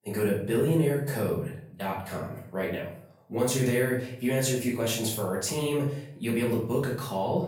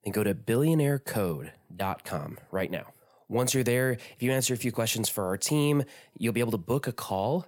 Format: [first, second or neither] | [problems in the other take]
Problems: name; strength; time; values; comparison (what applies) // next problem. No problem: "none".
second | off-mic speech; far // room echo; noticeable; dies away in 0.5 s